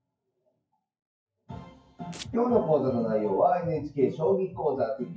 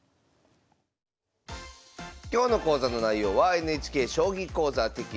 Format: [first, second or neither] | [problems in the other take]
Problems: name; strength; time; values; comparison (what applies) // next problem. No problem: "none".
second | noise reduction (classical method WPE with log-MMSE)